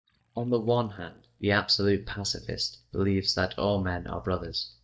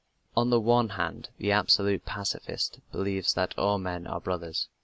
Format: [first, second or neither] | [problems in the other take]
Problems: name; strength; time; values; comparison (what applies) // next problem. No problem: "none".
second | noise reduction (neural mask model DeepFilterNet 3)